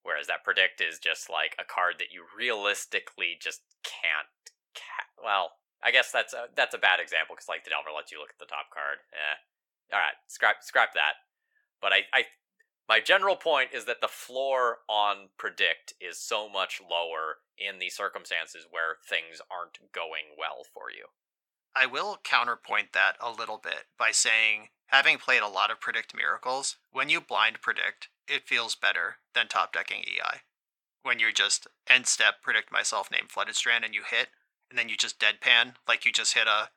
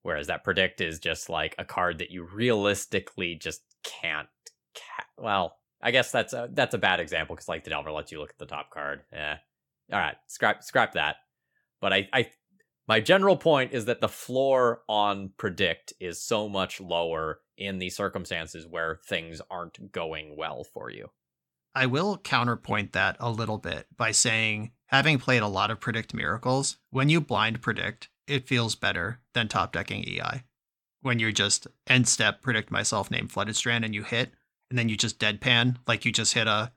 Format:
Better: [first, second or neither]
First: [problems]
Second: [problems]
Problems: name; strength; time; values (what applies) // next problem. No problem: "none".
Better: second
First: thin; very; fading below 700 Hz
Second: none